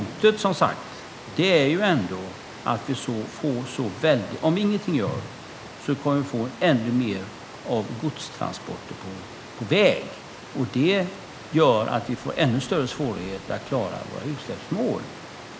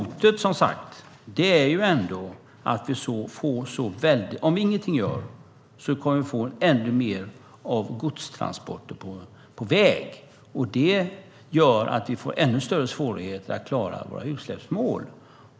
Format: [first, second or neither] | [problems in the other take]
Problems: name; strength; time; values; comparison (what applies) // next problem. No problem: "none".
second | background sound (Water); 16 dB below the speech